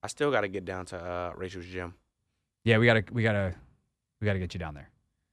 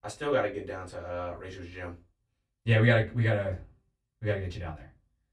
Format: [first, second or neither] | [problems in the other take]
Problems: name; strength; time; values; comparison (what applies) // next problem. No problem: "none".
first | off-mic speech; far // room echo; very slight; dies away in 0.2 s